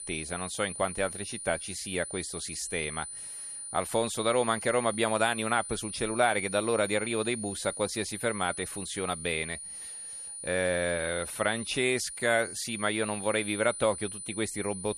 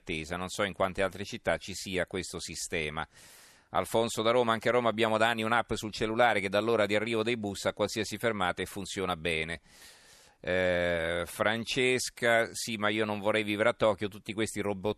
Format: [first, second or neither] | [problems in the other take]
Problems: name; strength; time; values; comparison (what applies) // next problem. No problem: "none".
second | high-pitched whine; loud; throughout; 9.5 kHz, 7 dB below the speech